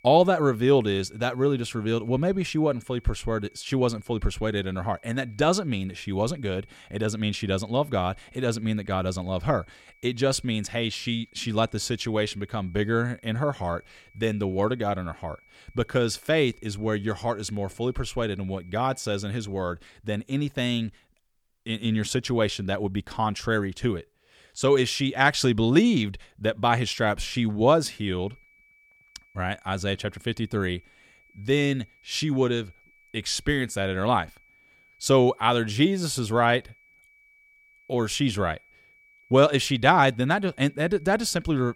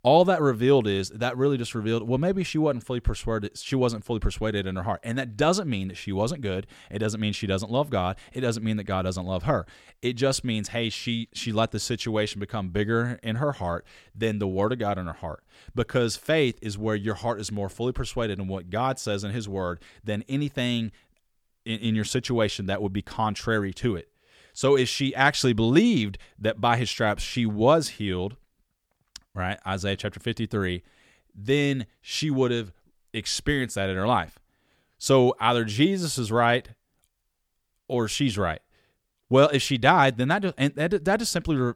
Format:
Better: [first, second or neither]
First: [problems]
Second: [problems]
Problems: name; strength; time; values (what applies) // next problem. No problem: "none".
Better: second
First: high-pitched whine; faint; until 20 s and from 28 s on; 2.5 kHz, 30 dB below the speech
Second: none